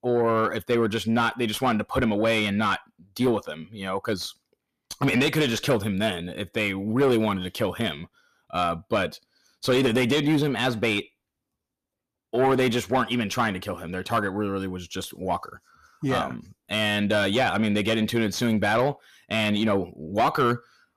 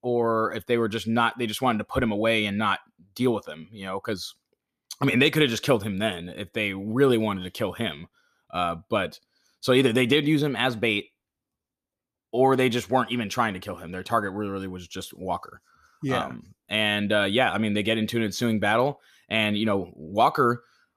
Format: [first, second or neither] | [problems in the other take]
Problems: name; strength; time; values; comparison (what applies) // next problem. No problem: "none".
second | distortion; slight; 10 dB below the speech